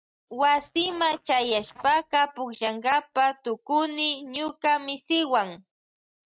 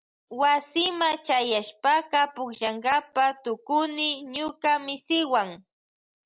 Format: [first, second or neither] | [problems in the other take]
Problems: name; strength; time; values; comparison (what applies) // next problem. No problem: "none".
second | noise reduction (neural mask model RNNoise)